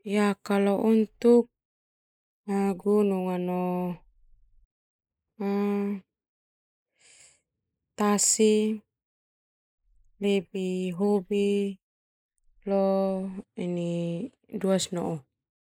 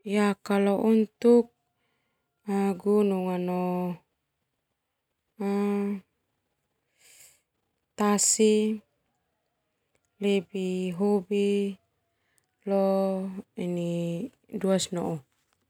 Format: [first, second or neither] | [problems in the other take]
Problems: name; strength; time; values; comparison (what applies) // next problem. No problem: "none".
second | noise reduction (neural mask model Resemble Enhance denoiser)